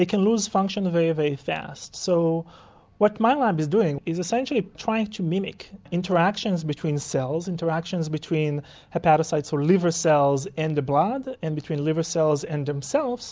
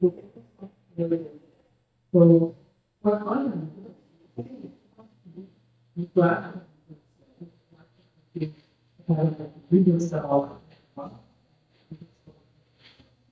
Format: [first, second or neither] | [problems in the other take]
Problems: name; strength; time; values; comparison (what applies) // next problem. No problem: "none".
first | noise reduction (neural mask model DeepFilterNet 3)